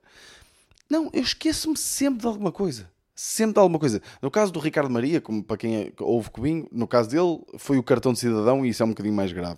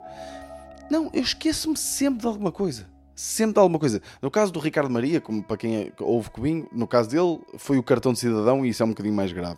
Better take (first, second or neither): first